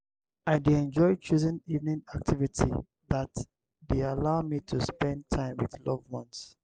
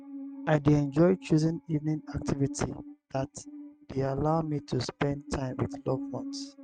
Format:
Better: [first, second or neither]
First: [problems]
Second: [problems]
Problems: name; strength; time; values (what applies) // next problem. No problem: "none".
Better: first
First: none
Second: noise reduction (neural mask model RNNoise)